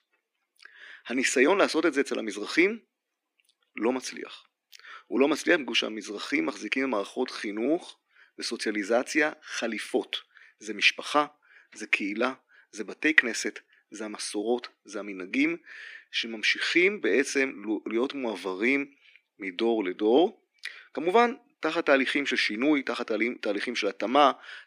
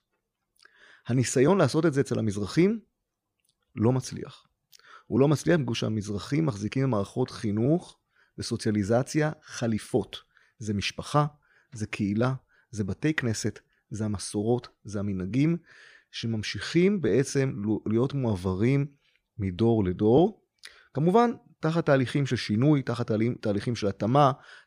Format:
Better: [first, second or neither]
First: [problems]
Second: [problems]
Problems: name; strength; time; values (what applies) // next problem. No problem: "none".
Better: second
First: thin; somewhat; fading below 250 Hz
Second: none